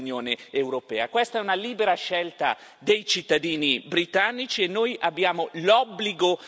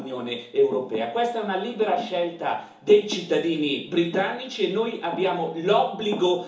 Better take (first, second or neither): first